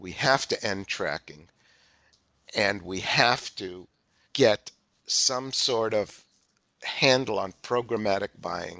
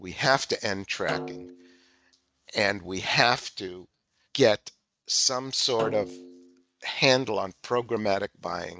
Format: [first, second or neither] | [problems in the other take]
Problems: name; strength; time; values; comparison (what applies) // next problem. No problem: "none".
first | noise reduction (neural mask model RNNoise)